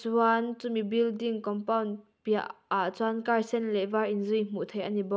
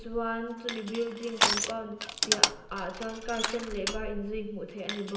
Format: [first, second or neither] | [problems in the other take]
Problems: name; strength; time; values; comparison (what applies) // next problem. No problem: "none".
first | background sound (Crushing); 2 dB above the speech // room echo; dies away in 0.9 s